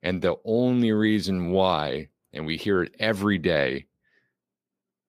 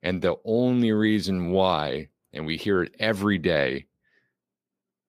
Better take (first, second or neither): neither